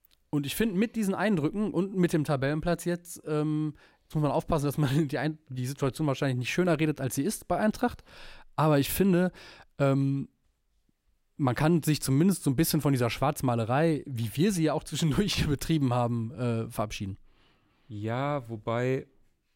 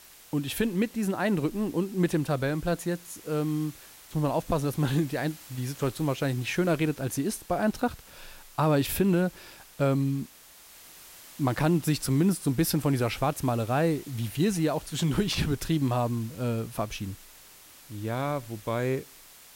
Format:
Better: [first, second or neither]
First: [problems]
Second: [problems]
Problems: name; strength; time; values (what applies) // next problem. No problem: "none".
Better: first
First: none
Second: hiss; noticeable; throughout; 20 dB below the speech